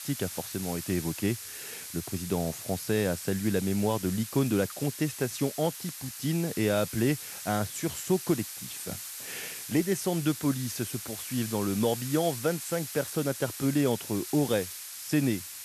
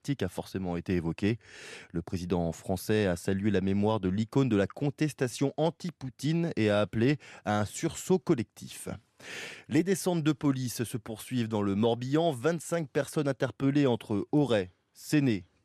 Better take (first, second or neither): second